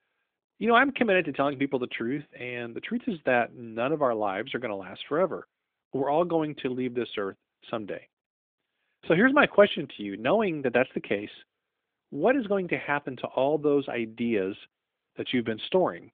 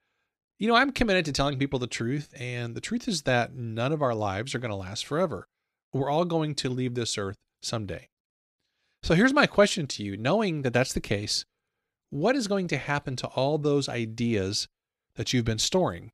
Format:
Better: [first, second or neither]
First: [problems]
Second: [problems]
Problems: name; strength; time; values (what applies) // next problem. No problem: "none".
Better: second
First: phone-call audio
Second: none